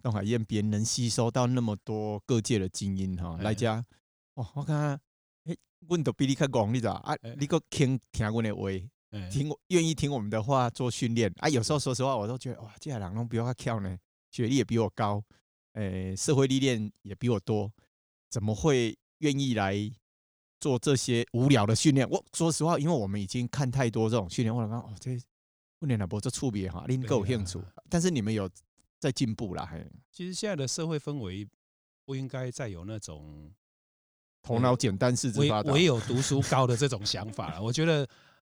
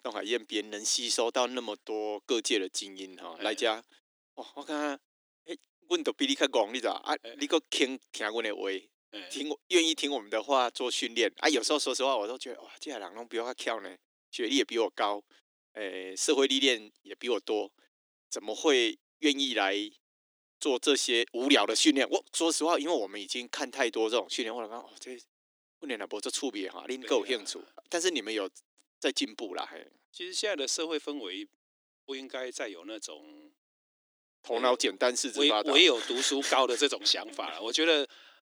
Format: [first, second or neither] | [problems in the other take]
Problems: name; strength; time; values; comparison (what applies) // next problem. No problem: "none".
first | thin; somewhat; fading below 300 Hz